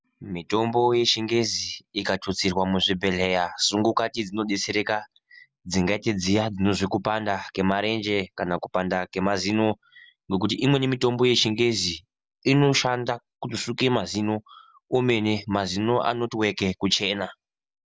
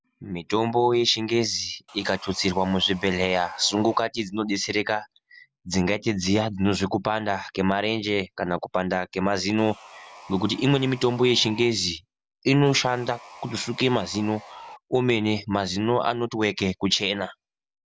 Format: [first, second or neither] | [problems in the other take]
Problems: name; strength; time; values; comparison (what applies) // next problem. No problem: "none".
first | background sound (Sawing); 20 dB below the speech